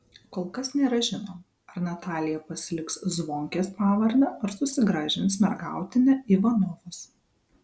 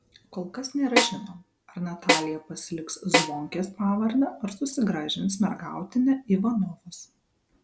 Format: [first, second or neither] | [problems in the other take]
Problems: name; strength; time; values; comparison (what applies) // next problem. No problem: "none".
first | background sound (Snare drum); as loud as the speech